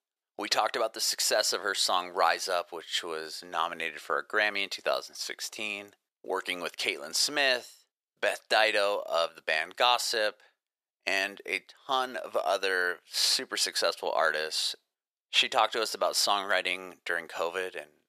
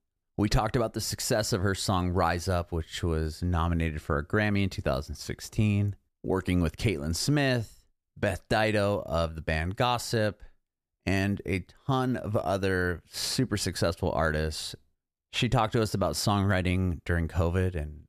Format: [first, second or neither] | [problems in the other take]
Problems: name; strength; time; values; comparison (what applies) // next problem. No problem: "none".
second | thin; very; fading below 550 Hz